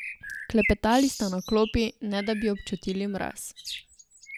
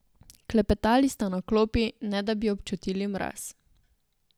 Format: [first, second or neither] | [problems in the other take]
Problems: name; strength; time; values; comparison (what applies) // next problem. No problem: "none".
second | background sound (Bird); 11 dB below the speech